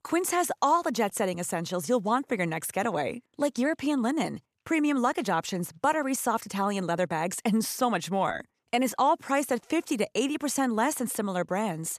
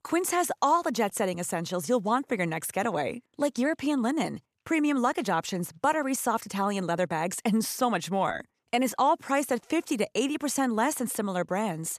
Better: neither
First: none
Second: none

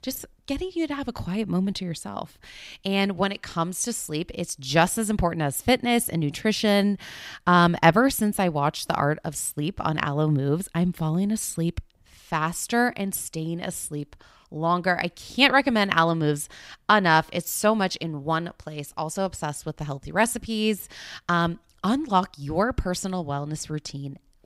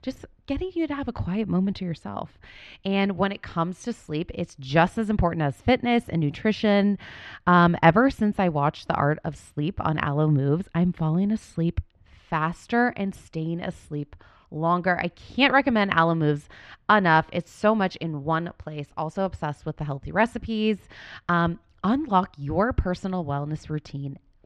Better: first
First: none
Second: muffled; slightly; fading above 2.5 kHz

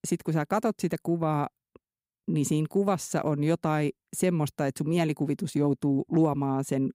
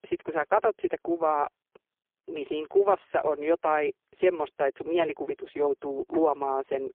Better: first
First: none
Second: phone-call audio; poor line; nothing above 3 kHz

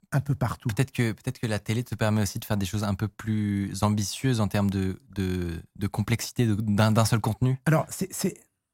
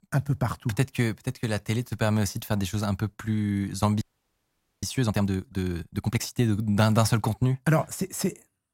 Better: first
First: none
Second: audio freezing; at 4 s for 1 s

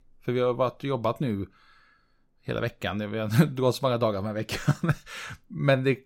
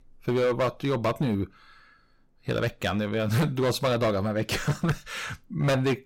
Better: first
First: none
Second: distortion; heavy; 10% of the sound clipped

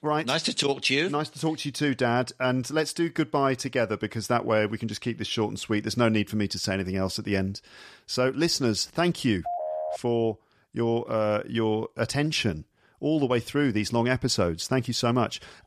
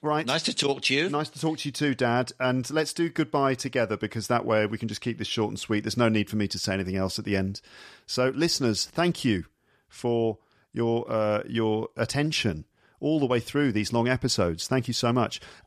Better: second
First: phone ringing; noticeable; at 9.5 s; peak 4 dB below the speech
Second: none

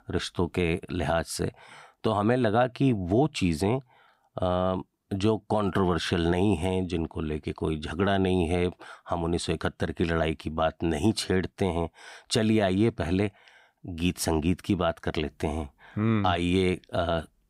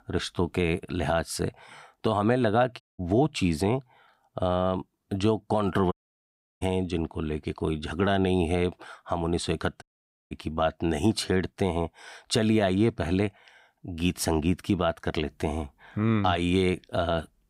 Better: first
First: none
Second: audio cutting out; at 3 s, at 6 s for 0.5 s and at 10 s

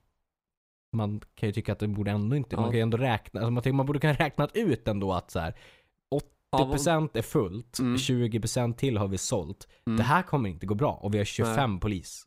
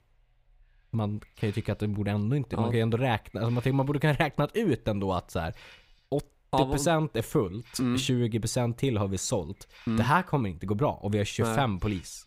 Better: first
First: none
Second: hiss; faint; throughout; 30 dB below the speech

